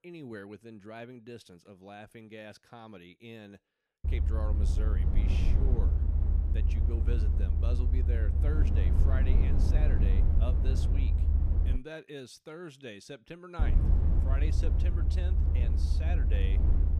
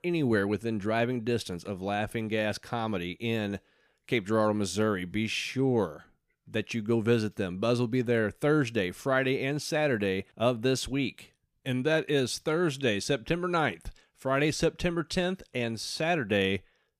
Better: second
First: low rumble; loud; from 4 to 12 s and from 14 s on; as loud as the speech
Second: none

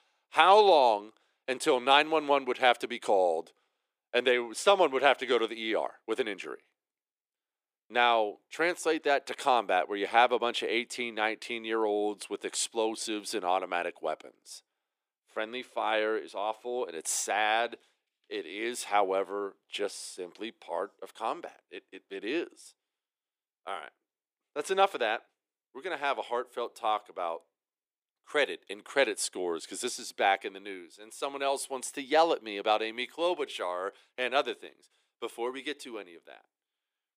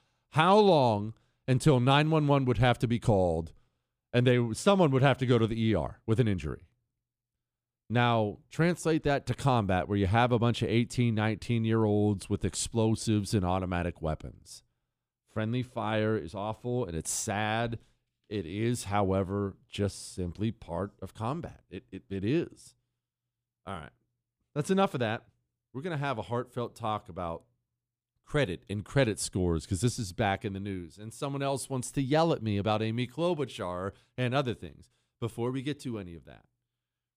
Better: second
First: thin; very; fading below 350 Hz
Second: none

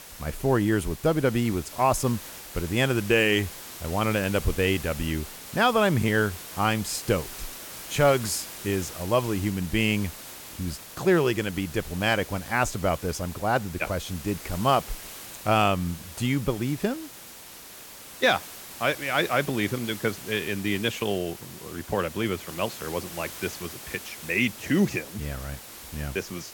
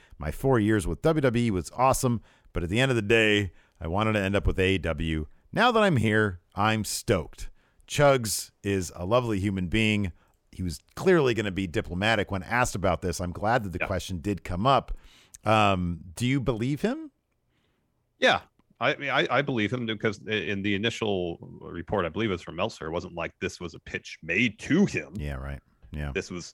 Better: second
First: hiss; noticeable; throughout; 15 dB below the speech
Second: none

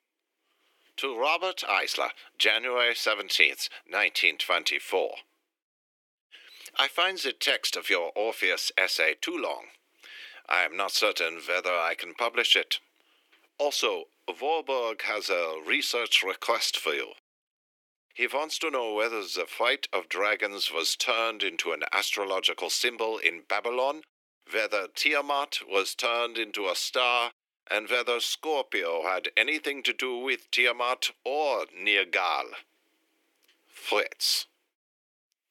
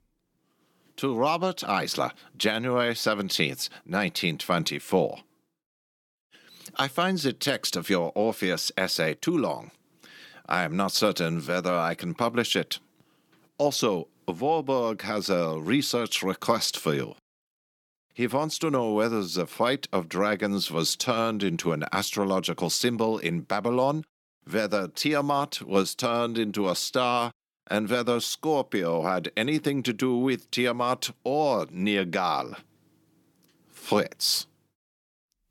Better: second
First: thin; very; fading below 350 Hz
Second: none

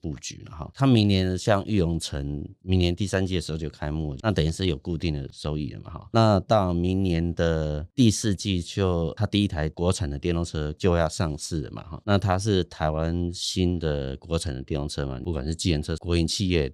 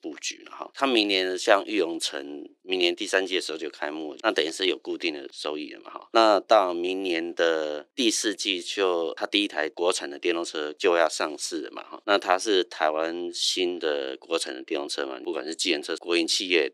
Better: first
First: none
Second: thin; very; fading below 300 Hz

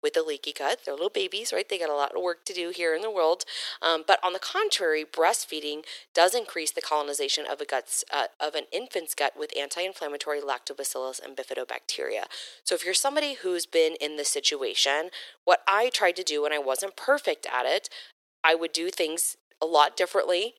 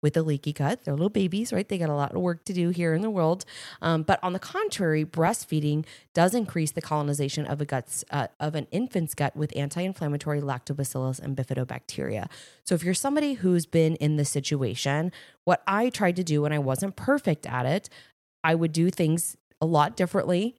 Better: second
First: thin; very; fading below 400 Hz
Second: none

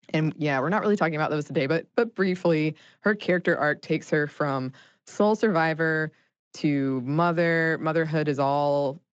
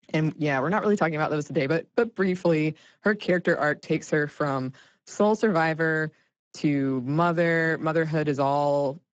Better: first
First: garbled, watery; slightly; nothing above 7.5 kHz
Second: garbled, watery; badly; nothing above 7.5 kHz

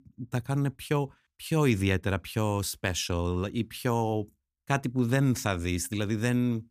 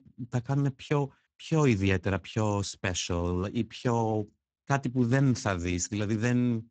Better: first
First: none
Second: garbled, watery; badly; nothing above 7.5 kHz

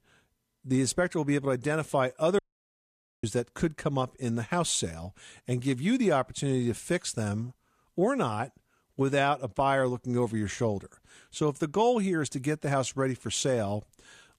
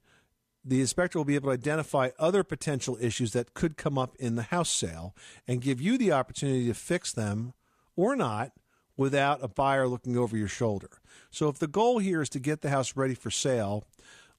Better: second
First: audio cutting out; at 2.5 s for 1 s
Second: none

